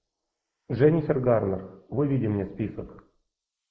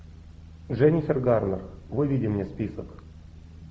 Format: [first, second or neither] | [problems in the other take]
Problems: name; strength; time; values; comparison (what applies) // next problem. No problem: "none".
second | noise reduction (neural mask model Resemble Enhance denoiser)